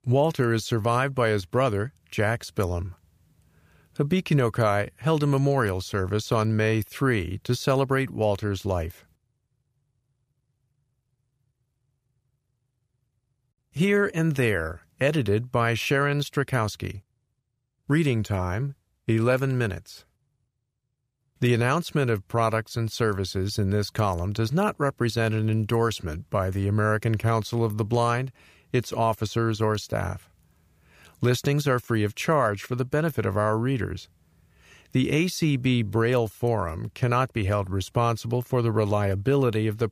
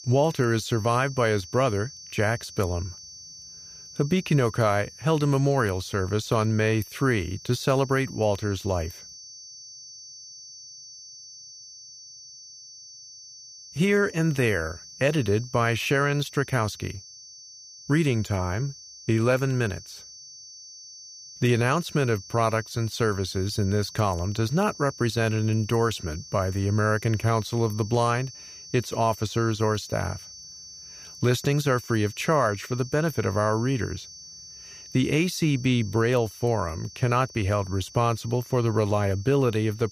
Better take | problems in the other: first | high-pitched whine; noticeable; throughout; 6 kHz, 15 dB below the speech

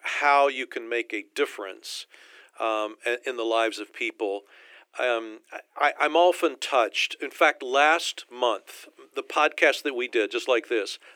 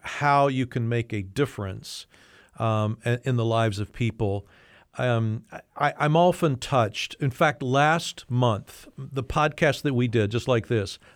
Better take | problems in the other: second | thin; very; fading below 300 Hz

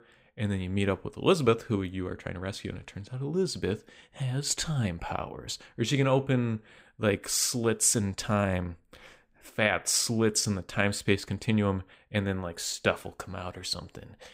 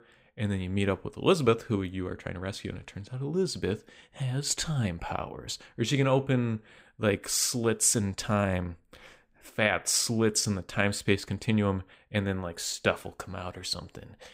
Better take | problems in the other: neither | none

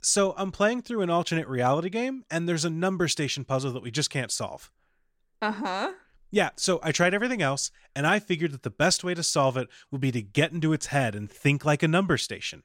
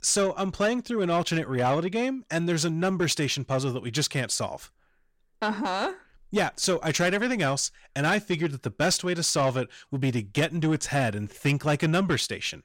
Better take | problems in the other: first | distortion; slight; 10 dB below the speech

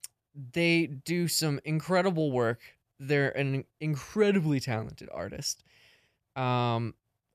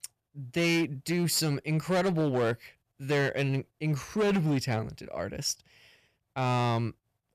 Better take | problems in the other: first | distortion; slight; 10% of the sound clipped

